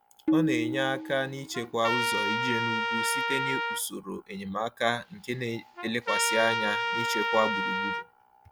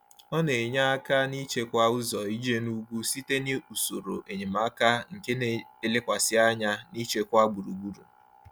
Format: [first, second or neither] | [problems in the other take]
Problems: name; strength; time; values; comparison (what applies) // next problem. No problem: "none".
second | background sound (Tabla + Trumpet); 1 dB above the speech